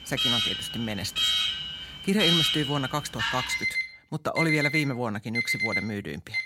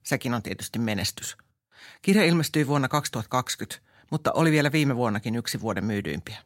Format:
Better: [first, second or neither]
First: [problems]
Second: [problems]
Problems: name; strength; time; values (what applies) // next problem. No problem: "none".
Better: second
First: alarms or sirens; very loud; throughout; 4 dB above the speech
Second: none